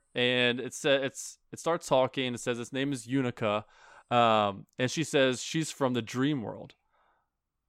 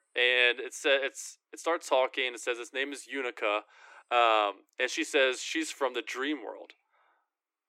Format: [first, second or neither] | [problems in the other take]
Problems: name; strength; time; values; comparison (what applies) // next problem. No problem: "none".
first | thin; very; fading below 300 Hz